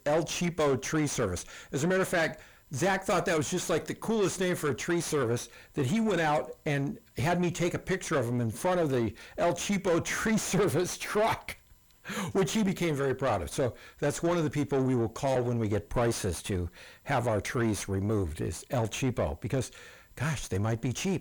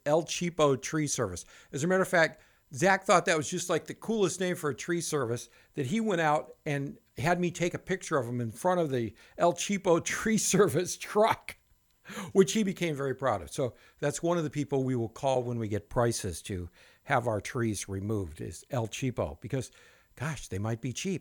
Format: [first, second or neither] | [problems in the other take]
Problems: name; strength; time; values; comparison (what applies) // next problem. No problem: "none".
second | distortion; heavy; 5 dB below the speech